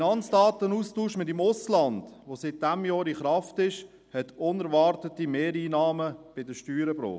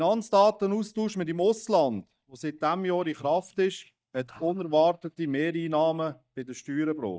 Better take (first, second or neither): first